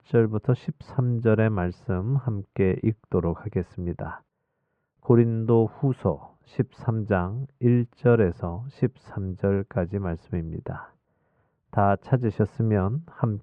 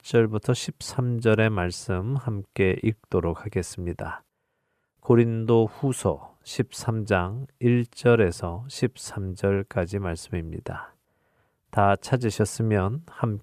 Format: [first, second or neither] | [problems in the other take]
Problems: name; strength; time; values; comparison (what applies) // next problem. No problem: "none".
second | muffled; very; fading above 1.5 kHz